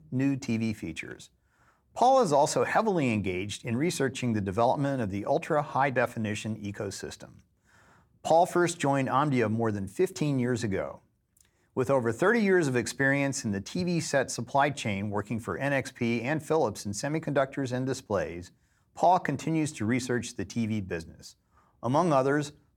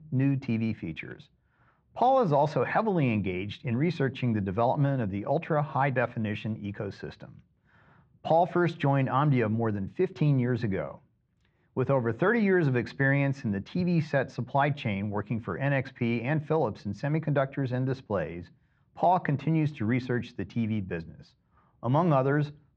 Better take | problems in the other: first | muffled; slightly; fading above 3.5 kHz

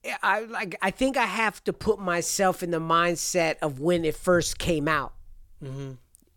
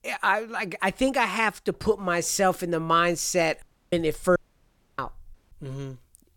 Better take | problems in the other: first | audio cutting out; at 3.5 s, at 4.5 s for 0.5 s and at 5.5 s

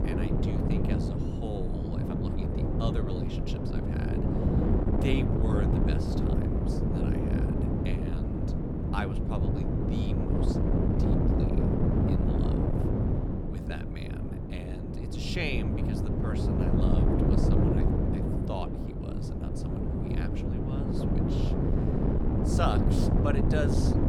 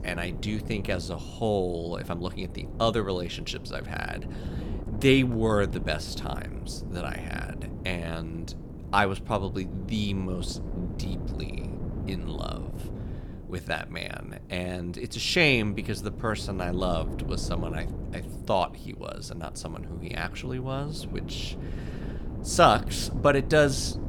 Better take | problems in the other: second | wind noise on the microphone; heavy; 4 dB above the speech; occasional gusts in the second

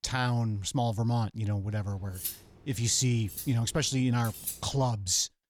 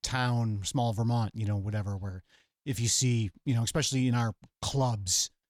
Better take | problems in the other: second | clattering dishes; noticeable; from 2 to 4.5 s; peak 7 dB below the speech

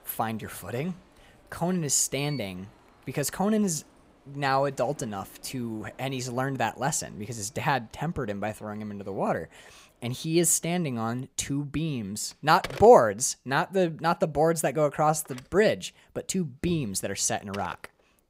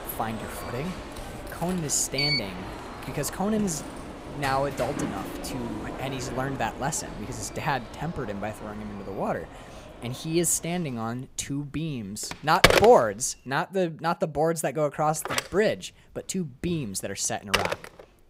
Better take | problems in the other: first | alarms or sirens; loud; throughout; 3 dB below the speech; faint in the first

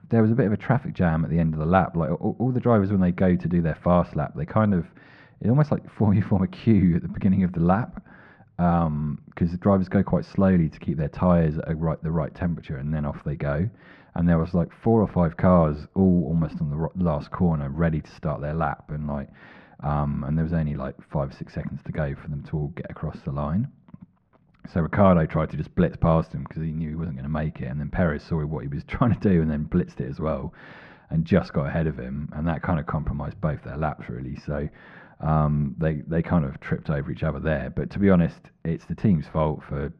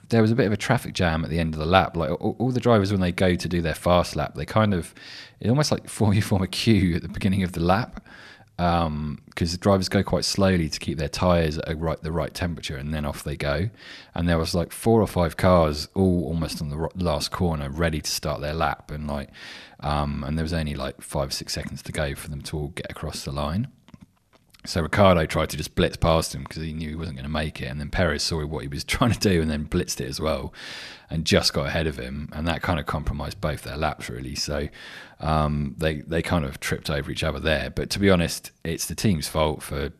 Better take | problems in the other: second | muffled; very; fading above 1.5 kHz

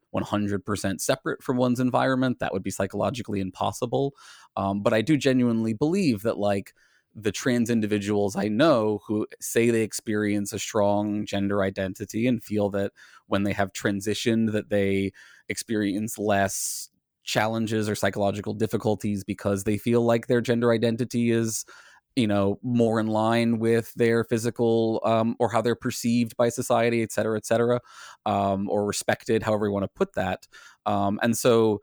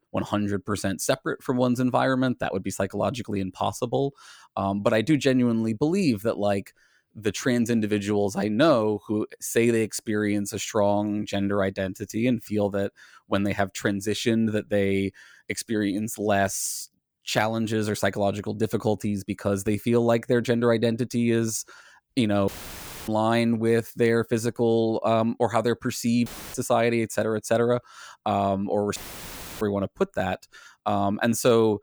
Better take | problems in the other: first | audio cutting out; filled with static; at 22 s for 0.5 s, at 26 s and at 29 s for 0.5 s

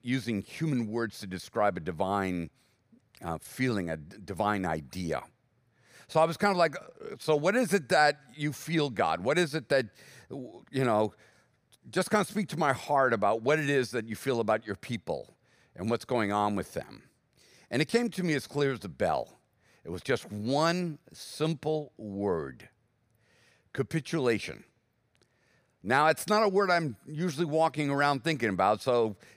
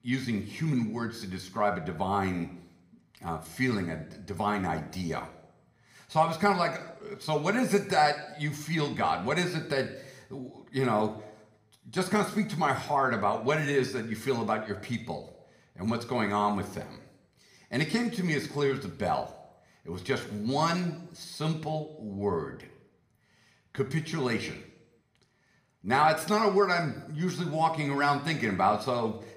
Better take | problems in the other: first | room echo; slight; dies away in 0.7 s

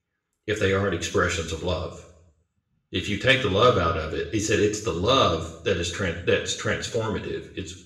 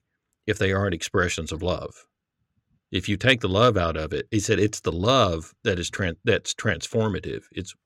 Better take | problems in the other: second | room echo; slight; dies away in 0.6 s // off-mic speech; far

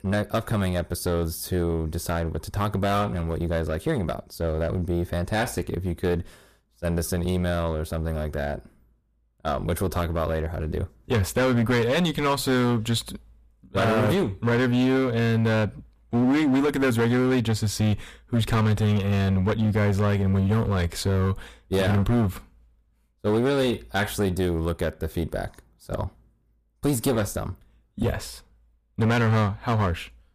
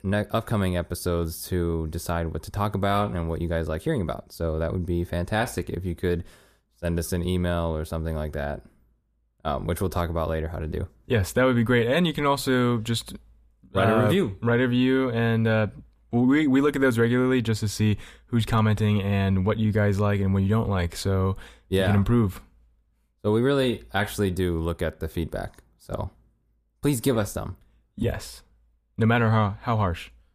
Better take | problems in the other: second | distortion; slight; 12% of the sound clipped

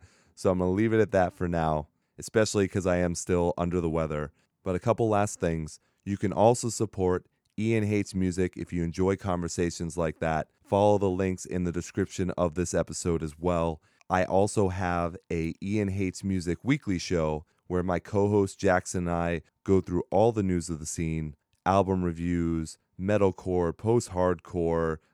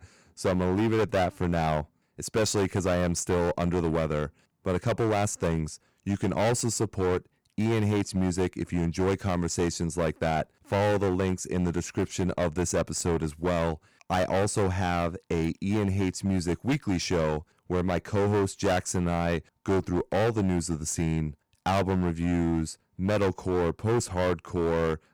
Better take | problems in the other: first | distortion; heavy; 16% of the sound clipped

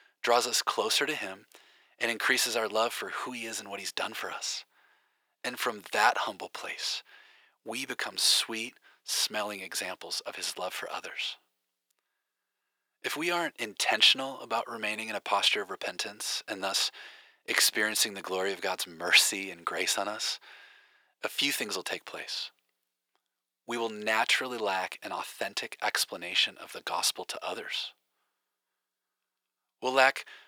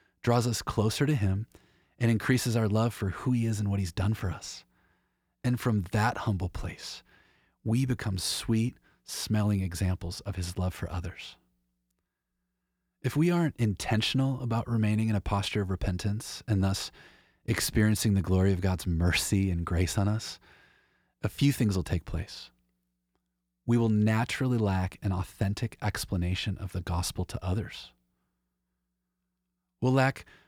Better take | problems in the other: second | thin; very; fading below 500 Hz

